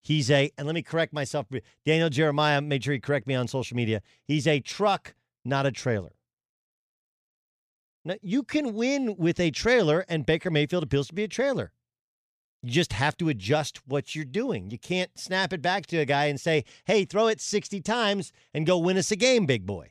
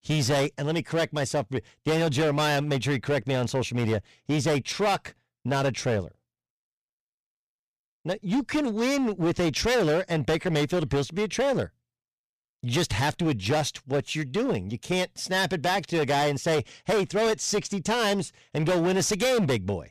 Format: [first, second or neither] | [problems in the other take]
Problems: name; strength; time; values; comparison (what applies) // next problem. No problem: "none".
first | distortion; heavy; 17% of the sound clipped